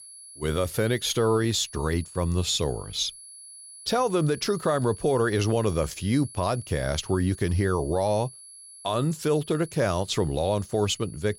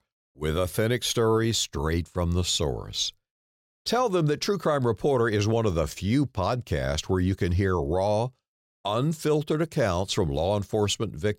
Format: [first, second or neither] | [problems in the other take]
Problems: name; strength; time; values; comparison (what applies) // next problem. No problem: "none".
second | high-pitched whine; noticeable; throughout; 10.5 kHz, 15 dB below the speech